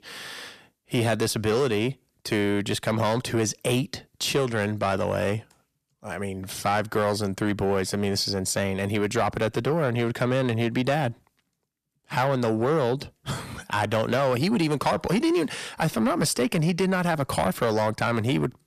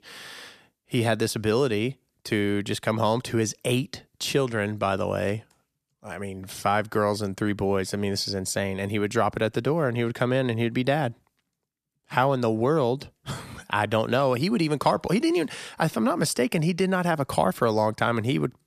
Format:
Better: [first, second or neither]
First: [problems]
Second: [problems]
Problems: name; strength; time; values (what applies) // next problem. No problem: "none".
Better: second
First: distortion; slight; 10 dB below the speech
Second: none